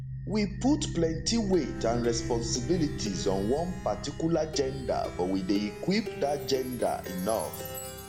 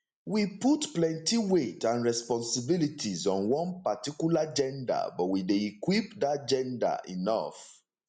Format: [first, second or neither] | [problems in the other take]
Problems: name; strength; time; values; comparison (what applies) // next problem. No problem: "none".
second | background sound (Plucked string instrument); 7 dB below the speech